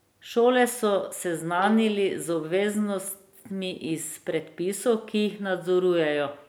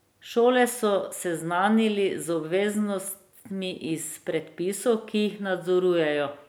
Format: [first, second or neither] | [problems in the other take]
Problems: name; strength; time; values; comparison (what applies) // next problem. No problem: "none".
second | background sound (Bowed string instrument); 19 dB below the speech